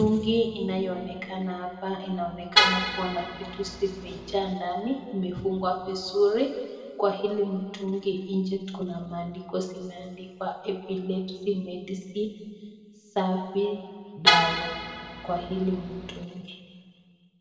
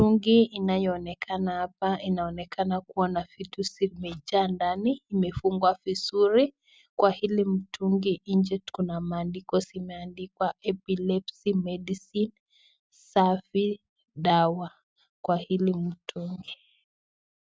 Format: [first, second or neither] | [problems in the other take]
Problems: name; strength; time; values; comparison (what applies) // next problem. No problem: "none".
second | background sound (Vehicle horn, car horn, honking); 2 dB above the speech // room echo; dies away in 2 s